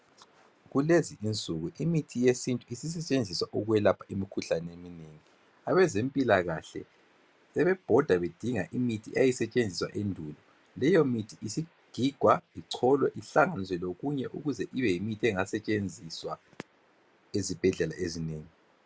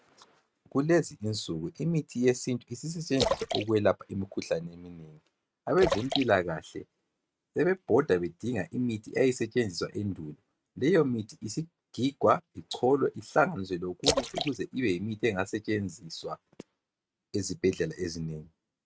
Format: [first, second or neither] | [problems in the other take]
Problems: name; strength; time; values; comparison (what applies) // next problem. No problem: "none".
first | noise reduction (neural mask model RNNoise)